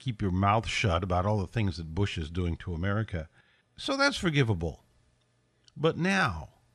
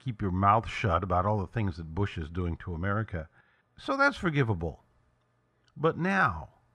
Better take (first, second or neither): first